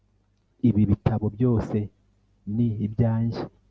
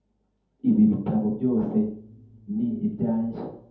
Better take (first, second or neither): first